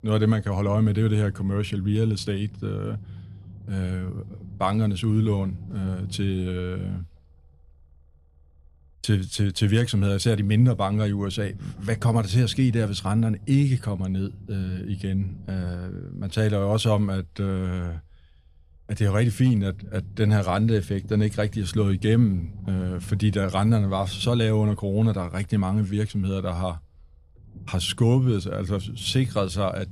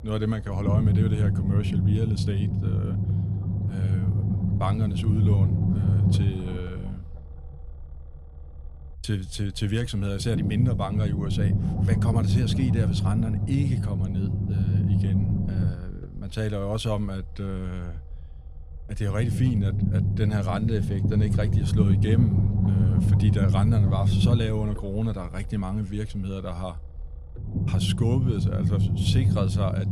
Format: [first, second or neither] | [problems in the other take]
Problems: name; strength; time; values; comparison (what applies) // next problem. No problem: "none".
first | low rumble; loud; throughout; 1 dB below the speech; faint in the first